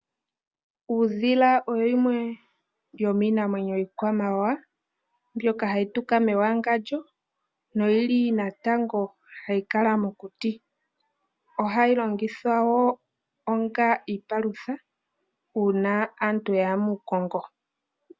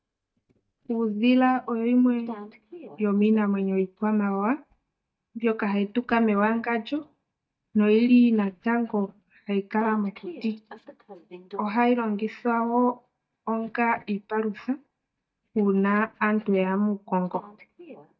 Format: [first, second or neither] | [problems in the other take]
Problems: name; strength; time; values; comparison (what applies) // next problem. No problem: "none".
first | noise reduction (neural mask model DeepFilterNet 3)